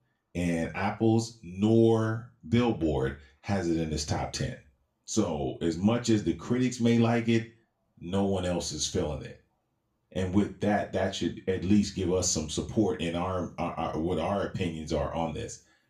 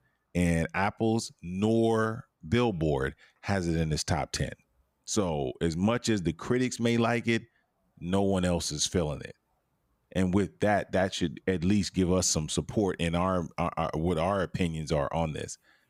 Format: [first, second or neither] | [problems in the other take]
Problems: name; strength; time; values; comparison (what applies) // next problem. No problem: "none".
second | room echo; very slight; dies away in 0.3 s // off-mic speech; far